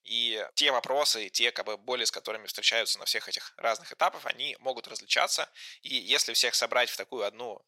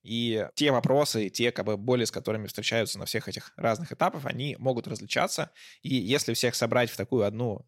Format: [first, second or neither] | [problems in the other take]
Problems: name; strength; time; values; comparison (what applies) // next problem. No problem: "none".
second | thin; very; fading below 750 Hz